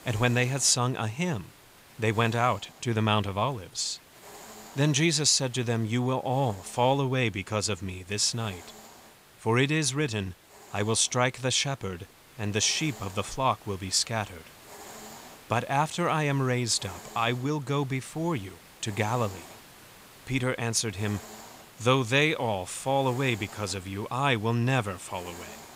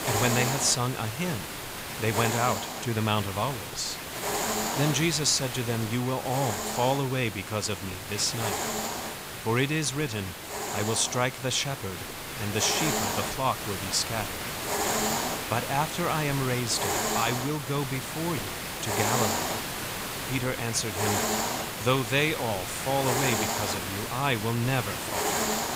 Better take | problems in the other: first | hiss; loud; throughout; 2 dB below the speech; faint in the first

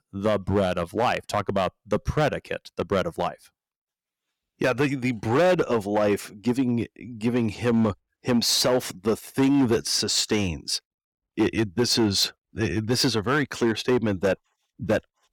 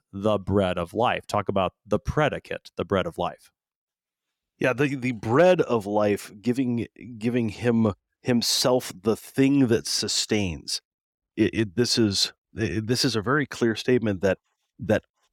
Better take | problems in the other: second | distortion; slight; 5% of the sound clipped

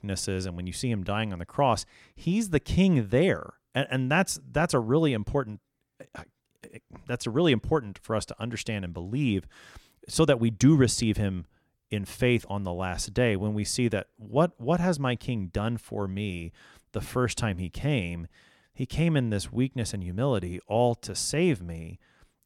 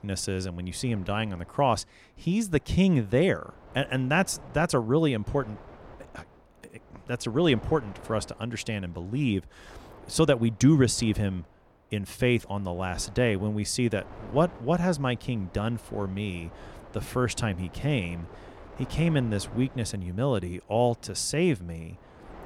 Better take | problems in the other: first | wind noise on the microphone; occasional gusts; 20 dB below the speech

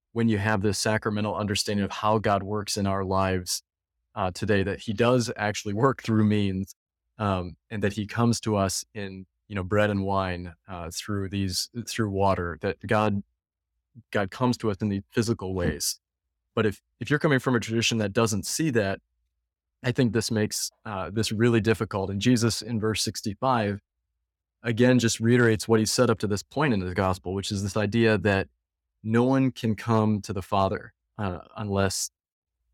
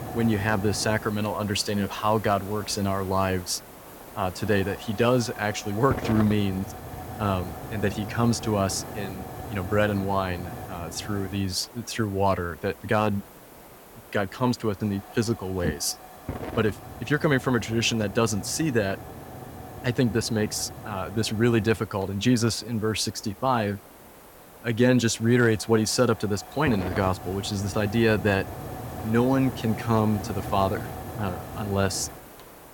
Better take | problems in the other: first | hiss; noticeable; throughout; 15 dB below the speech

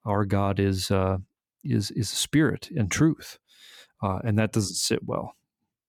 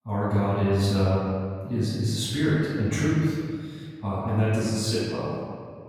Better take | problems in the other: first | room echo; strong; dies away in 1.9 s // off-mic speech; far

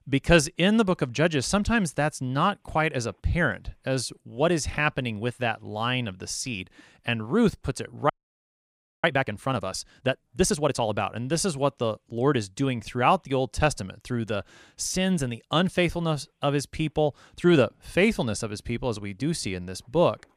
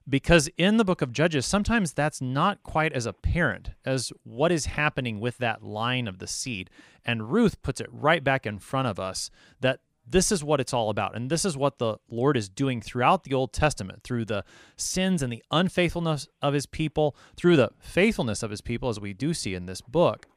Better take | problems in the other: second | audio freezing; at 8 s for 1 s

